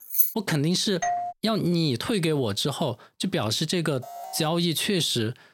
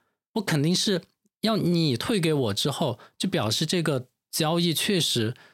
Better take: second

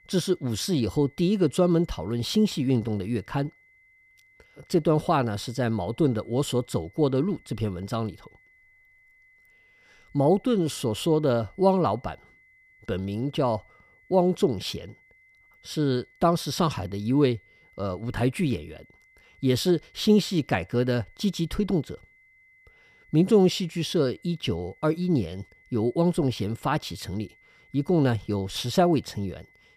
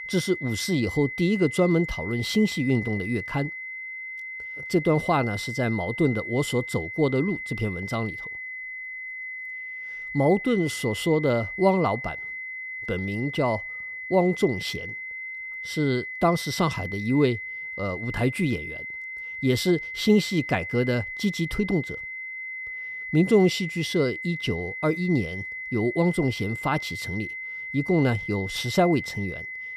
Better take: first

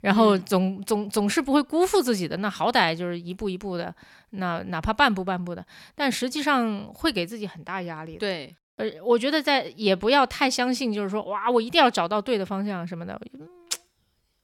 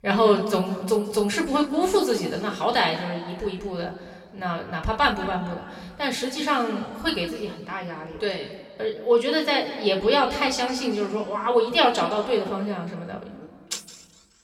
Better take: first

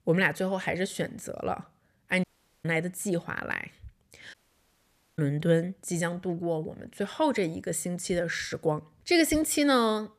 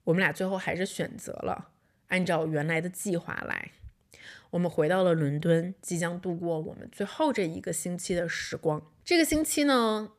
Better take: second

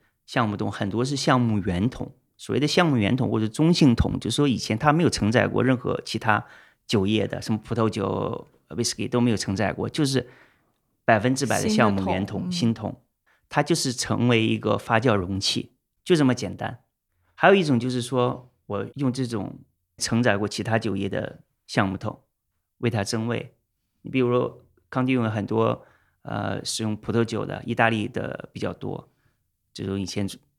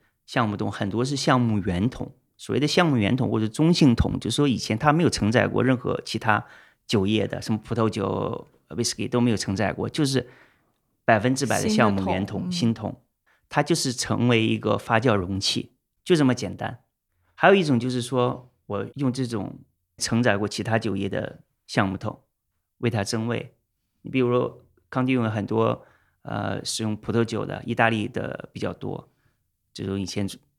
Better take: neither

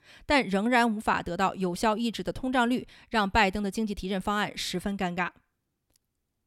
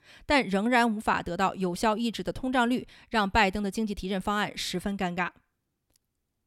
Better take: neither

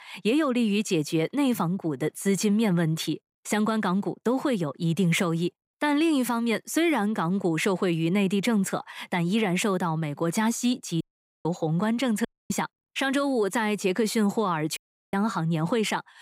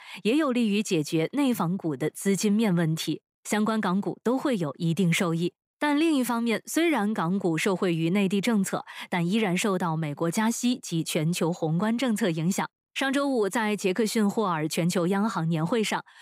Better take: second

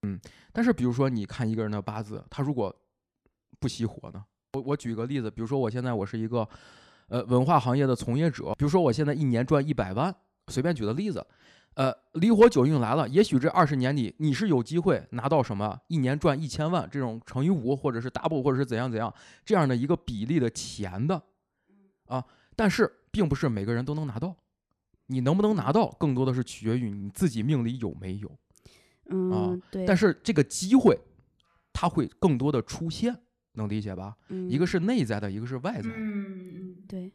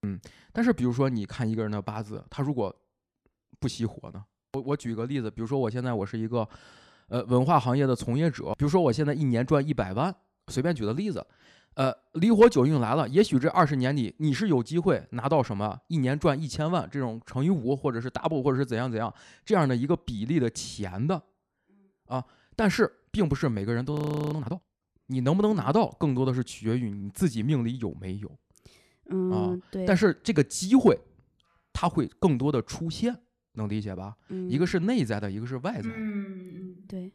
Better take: first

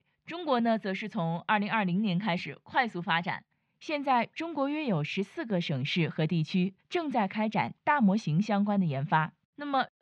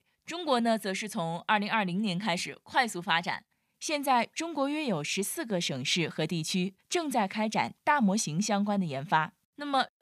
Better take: second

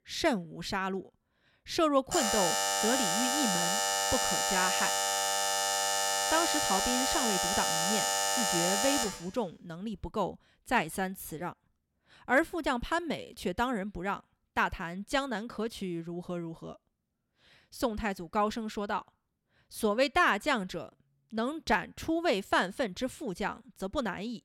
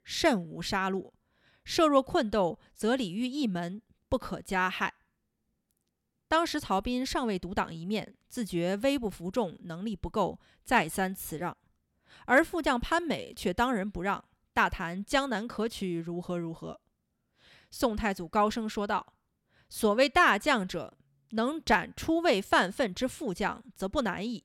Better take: second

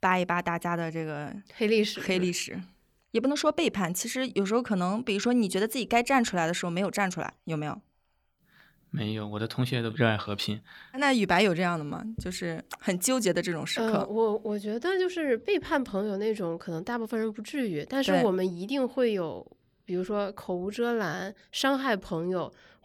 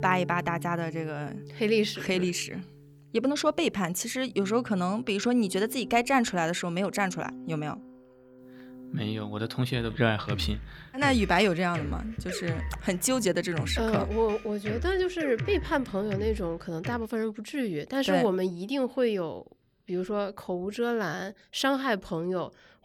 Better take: first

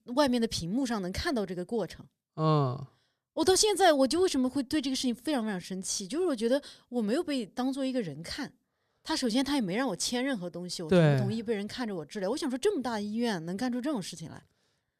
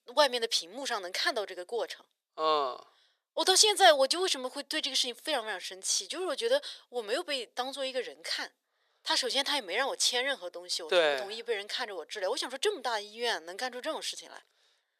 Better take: first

